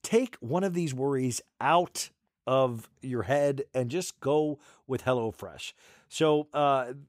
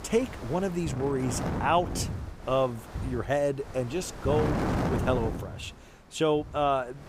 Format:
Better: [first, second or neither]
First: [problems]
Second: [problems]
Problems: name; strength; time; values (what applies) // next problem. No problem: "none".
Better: first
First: none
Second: wind noise on the microphone; heavy; 8 dB below the speech